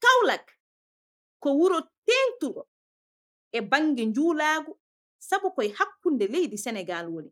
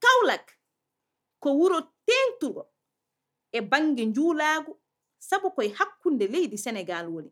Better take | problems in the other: second | noise reduction (neural mask model Resemble Enhance denoiser)

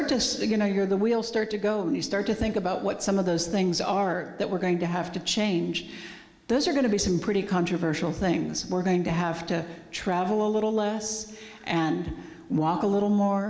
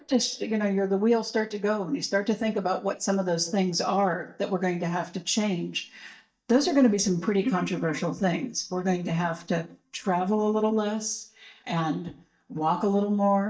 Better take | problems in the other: first | noise reduction (neural mask model DeepFilterNet 3)

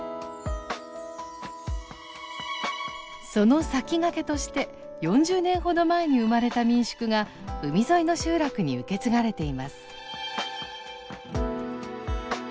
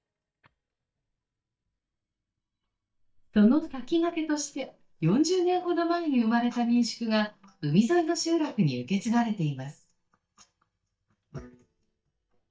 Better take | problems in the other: first | noise reduction (neural mask model DeepFilterNet 3)

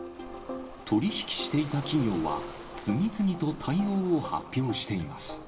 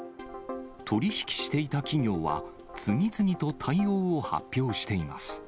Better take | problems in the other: second | background sound (Ocean); 17 dB below the speech // room echo; dies away in 2.6 s

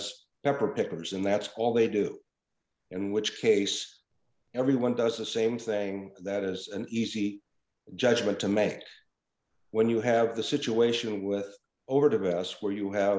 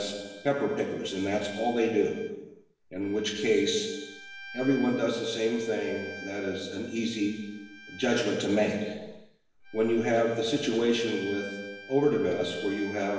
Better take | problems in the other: first | background sound (Bowed string instrument); 17 dB below the speech // room echo; dies away in 1.2 s

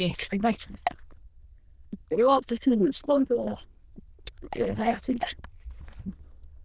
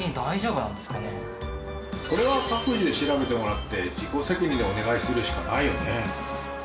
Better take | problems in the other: second | noise reduction (neural diffusion model UNIVERSE++)

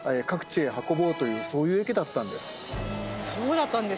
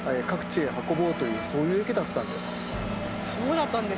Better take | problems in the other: first | background sound (Engine); 6 dB below the speech

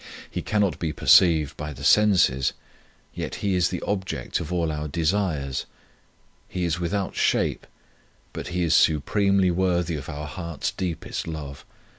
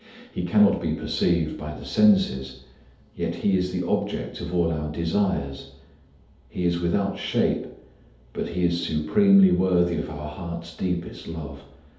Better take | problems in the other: first | room echo; dies away in 2.2 s

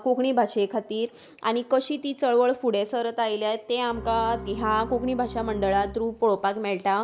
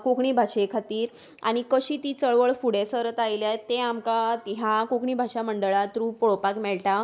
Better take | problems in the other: second | background sound (Bowed string instrument); 13 dB below the speech

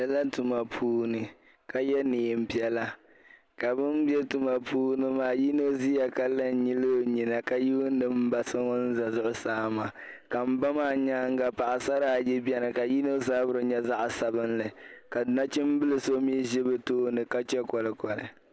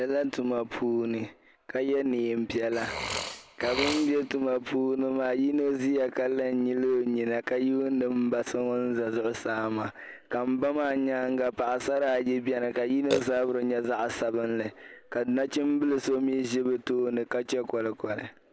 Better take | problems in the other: first | background sound (Burping, eructation); 15 dB below the speech

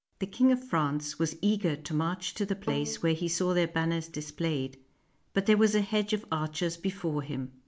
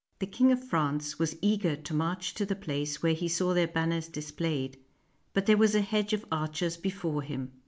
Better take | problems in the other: second | background sound (Bowed string instrument); 13 dB below the speech

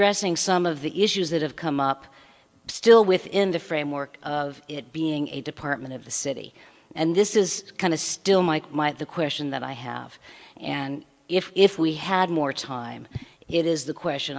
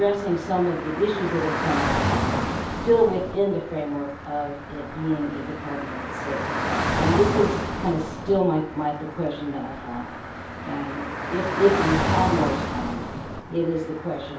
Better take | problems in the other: first | background sound (Traffic noise, roadway noise / Car); 2 dB below the speech // room echo; dies away in 0.6 s

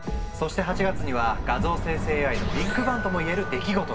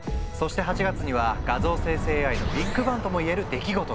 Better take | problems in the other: second | background sound (Door / Bell); 15 dB below the speech // room echo; dies away in 1.4 s

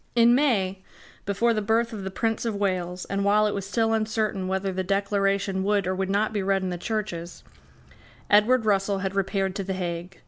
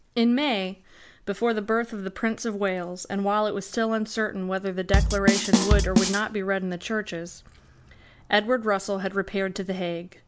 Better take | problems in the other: first | background sound (Bass drum / Snare drum / Drum kit); 5 dB above the speech

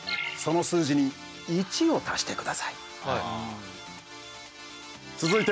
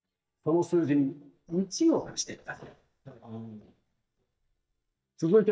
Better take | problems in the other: first | noise reduction (neural mask model DeepFilterNet 3)

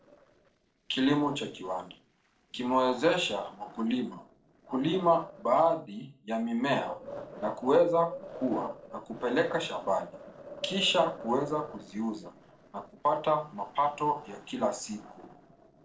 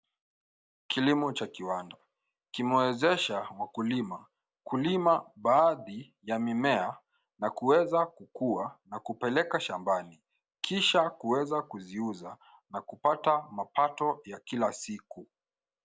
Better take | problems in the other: second | noise reduction (neural separator model SepFormer DNS4)

